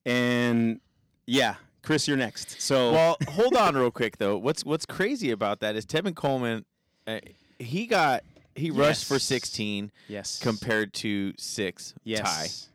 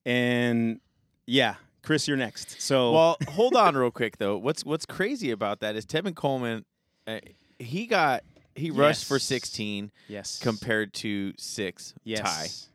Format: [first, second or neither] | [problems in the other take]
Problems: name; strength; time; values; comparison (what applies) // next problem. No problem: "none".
second | distortion; slight; 3% of the sound clipped